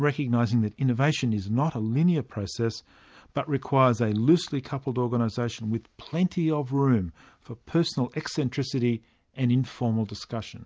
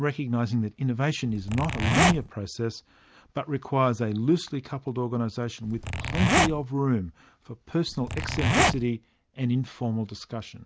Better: first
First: none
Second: background sound (Zipper (clothing)); 3 dB above the speech

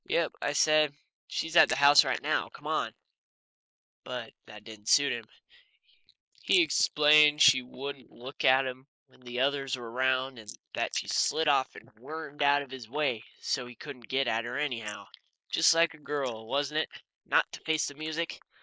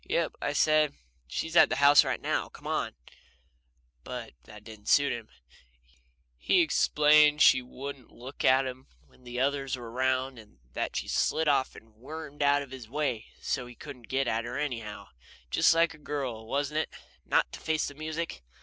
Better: second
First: noise reduction (neural mask model Resemble Enhance denoiser)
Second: none

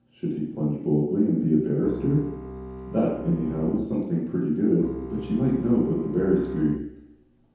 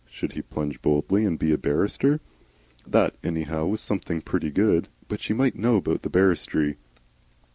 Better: second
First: background sound (Bowed string instrument); 14 dB below the speech // room echo; dies away in 0.9 s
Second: none

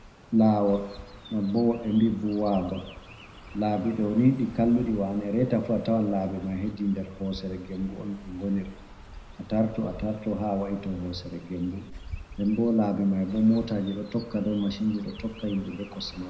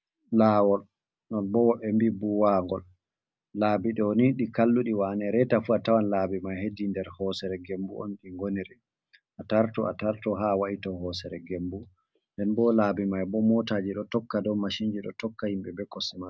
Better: second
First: background sound (Chirp, tweet); 18 dB below the speech // room echo; dies away in 0.7 s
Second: none

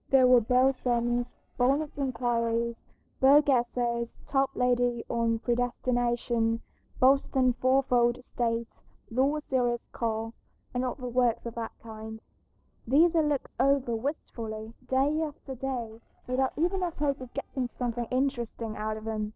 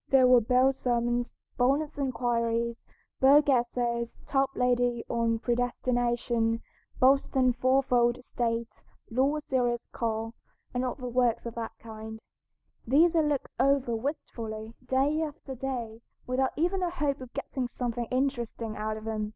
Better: second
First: noise reduction (neural separator model SepFormer DNS4)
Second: none

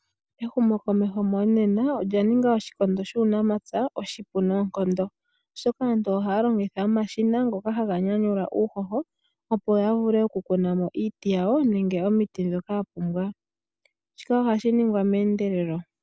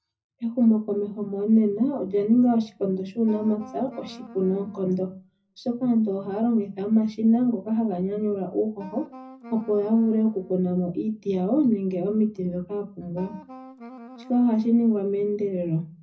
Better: first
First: none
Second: background sound (Wind instrument, woodwind instrument); 19 dB below the speech // room echo; dies away in 0.4 s

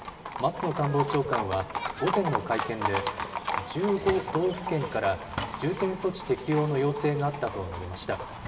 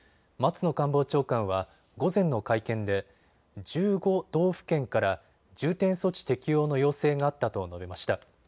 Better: second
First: background sound (Livestock, farm animals, working animals); 5 dB below the speech // room echo; dies away in 1.9 s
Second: none

